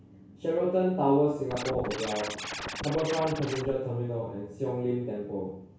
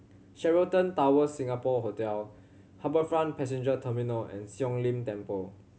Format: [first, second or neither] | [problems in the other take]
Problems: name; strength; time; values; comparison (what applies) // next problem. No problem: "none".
second | background sound (Scratching (performance technique)); 8 dB below the speech // room echo; dies away in 0.6 s